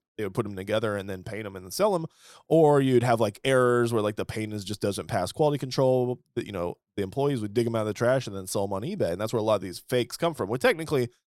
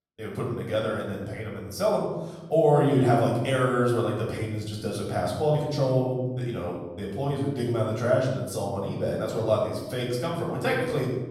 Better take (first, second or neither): first